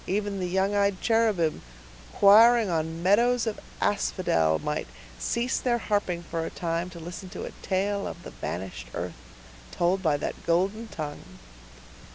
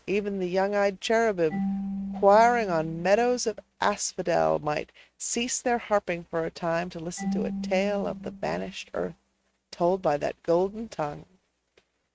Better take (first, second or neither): first